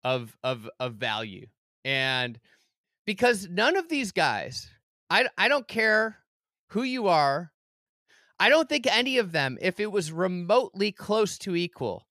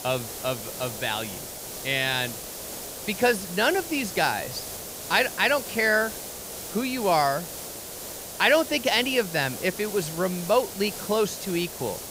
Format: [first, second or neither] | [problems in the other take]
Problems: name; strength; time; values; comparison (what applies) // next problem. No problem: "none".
first | hiss; loud; throughout; 9 dB below the speech